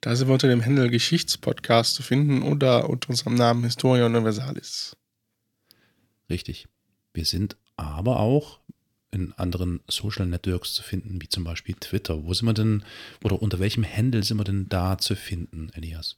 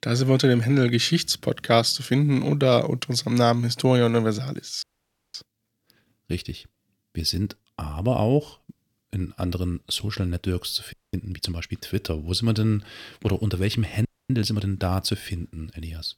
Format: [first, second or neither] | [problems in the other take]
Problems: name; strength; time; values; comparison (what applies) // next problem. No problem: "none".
first | audio freezing; at 5 s for 0.5 s, at 11 s and at 14 s